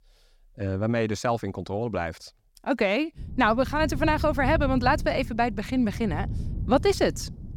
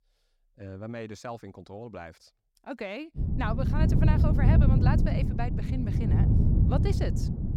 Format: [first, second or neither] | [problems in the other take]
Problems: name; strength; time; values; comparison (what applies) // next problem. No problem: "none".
first | wind noise on the microphone; heavy; from 3 s on; 1 dB above the speech; occasional gusts in the first